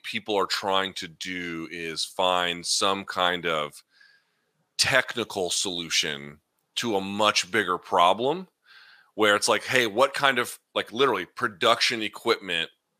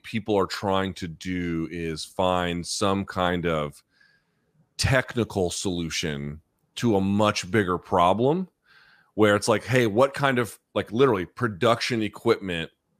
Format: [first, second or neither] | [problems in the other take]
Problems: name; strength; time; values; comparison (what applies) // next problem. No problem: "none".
second | thin; somewhat; fading below 900 Hz